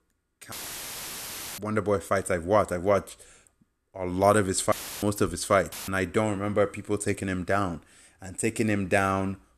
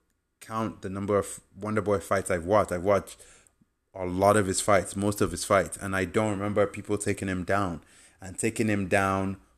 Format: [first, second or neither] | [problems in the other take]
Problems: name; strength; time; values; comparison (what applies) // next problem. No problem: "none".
second | audio cutting out; filled with static; at 0.5 s for 1 s, at 4.5 s and at 5.5 s